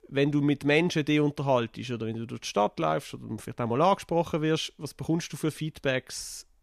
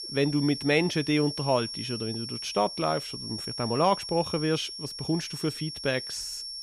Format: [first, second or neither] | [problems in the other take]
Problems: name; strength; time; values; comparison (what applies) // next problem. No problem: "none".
first | high-pitched whine; loud; throughout; 5.5 kHz, 7 dB below the speech